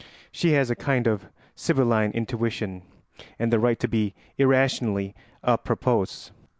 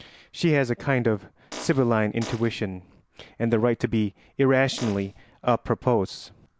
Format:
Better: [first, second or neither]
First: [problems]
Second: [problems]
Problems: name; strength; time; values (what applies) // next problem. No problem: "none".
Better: first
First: none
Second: background sound (Fart); 14 dB below the speech